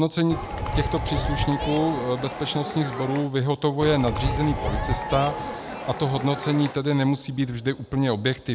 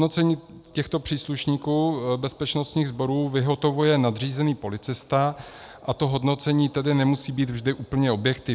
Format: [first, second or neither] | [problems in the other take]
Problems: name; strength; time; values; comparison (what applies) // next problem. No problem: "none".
second | background sound (Crowd); 4 dB below the speech